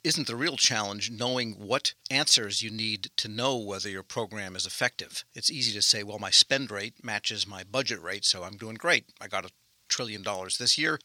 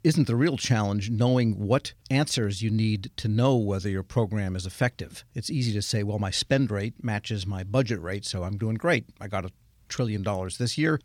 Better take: second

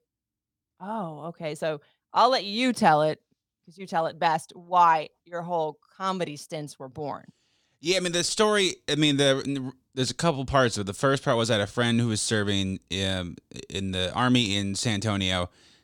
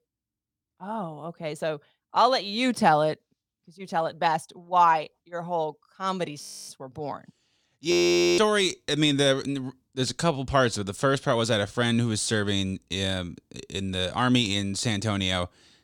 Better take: first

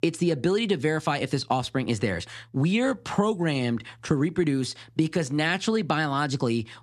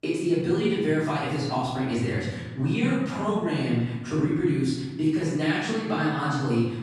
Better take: first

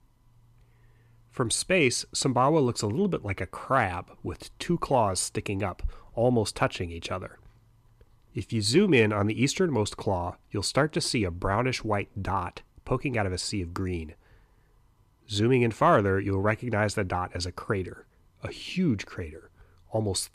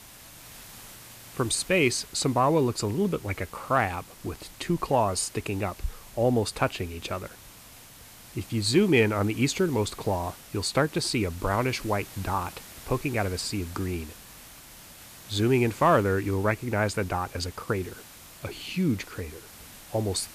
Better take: first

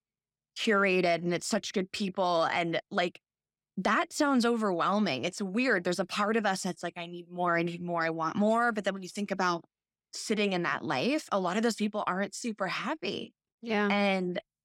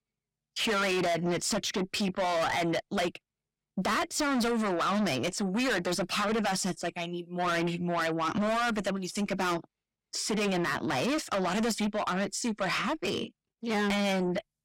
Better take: first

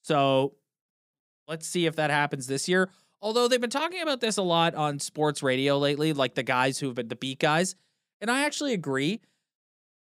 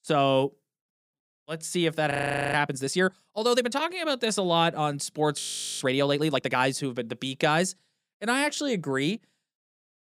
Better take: first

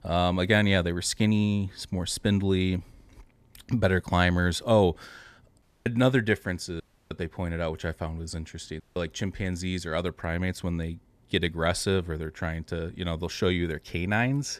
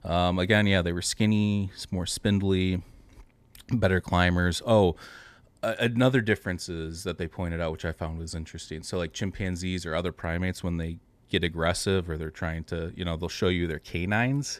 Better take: second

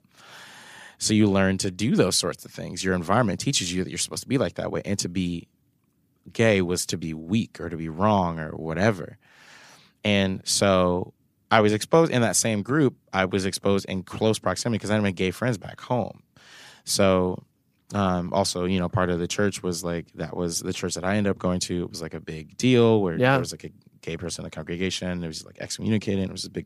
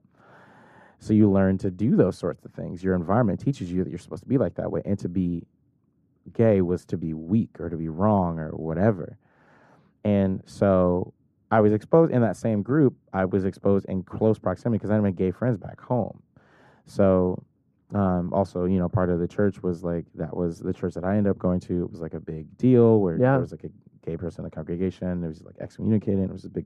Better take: first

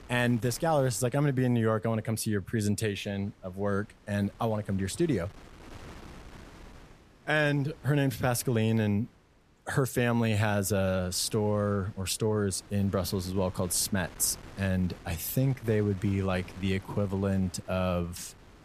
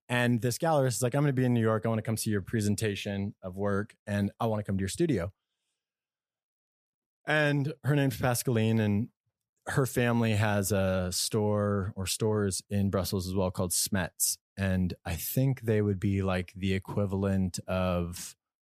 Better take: second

